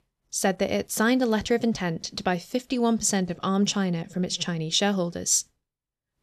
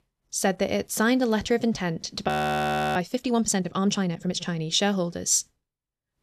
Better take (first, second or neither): first